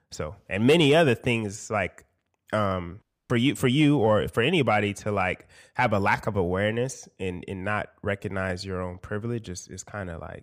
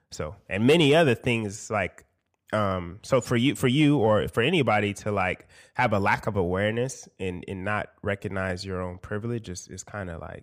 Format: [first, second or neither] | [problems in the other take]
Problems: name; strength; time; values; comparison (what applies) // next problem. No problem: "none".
second | audio cutting out; at 3 s